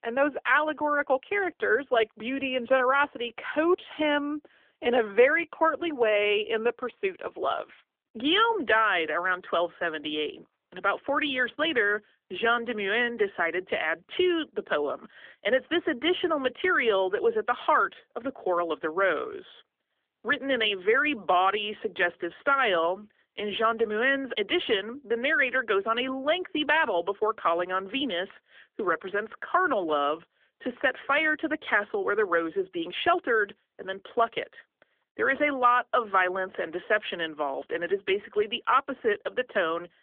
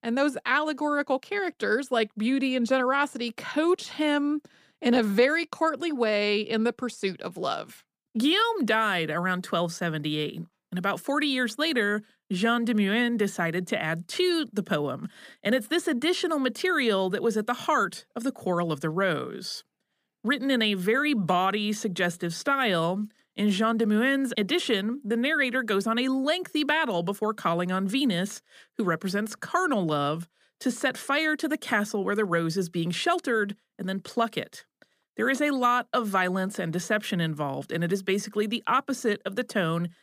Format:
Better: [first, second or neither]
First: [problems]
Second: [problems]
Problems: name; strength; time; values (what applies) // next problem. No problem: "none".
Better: second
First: phone-call audio; nothing above 3.5 kHz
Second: none